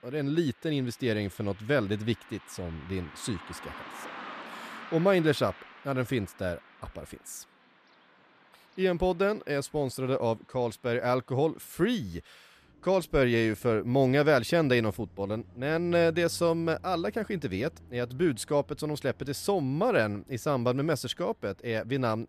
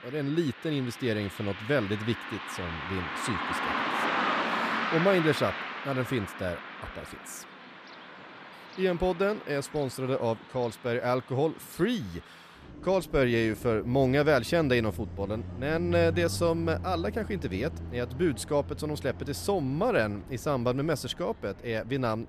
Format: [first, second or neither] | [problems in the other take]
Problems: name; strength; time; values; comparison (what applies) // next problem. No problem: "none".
first | traffic noise; loud; throughout; 6 dB below the speech; faint in the first